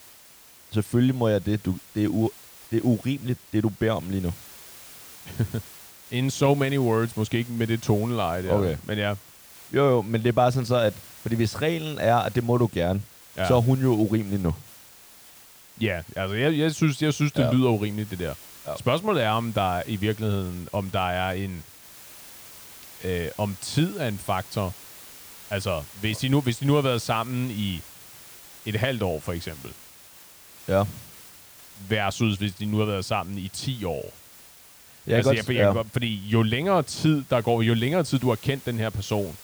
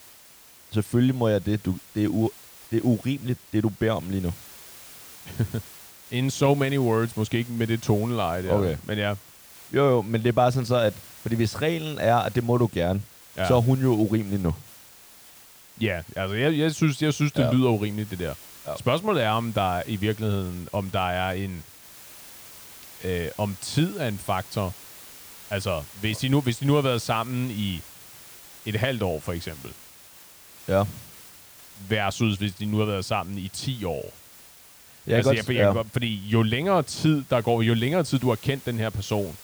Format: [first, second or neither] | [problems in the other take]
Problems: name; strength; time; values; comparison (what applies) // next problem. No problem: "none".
neither | hiss; noticeable; throughout; 20 dB below the speech; the same in both